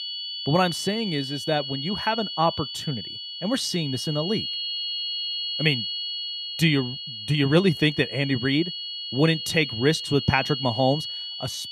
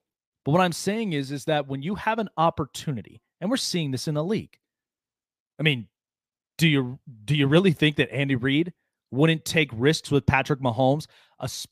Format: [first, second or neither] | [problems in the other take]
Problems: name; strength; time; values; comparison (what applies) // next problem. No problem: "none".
second | high-pitched whine; loud; throughout; 3 kHz, 5 dB below the speech